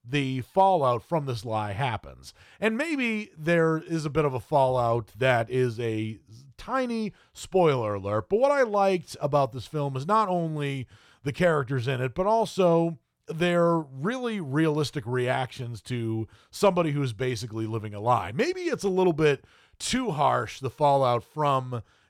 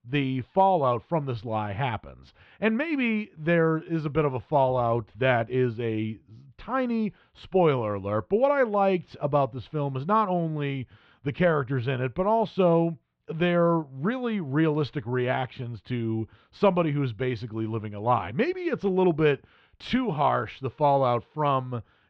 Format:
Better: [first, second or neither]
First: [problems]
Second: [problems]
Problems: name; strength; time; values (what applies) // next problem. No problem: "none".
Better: first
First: none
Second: muffled; slightly; fading above 3.5 kHz